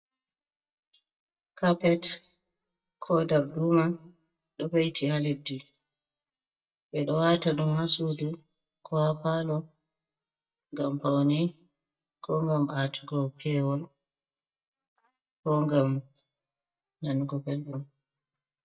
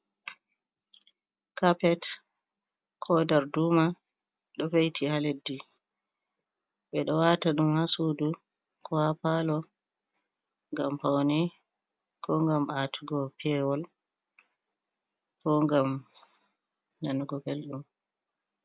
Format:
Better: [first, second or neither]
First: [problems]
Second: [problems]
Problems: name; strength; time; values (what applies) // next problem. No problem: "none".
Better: second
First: noise reduction (neural mask model DeepFilterNet 3)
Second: none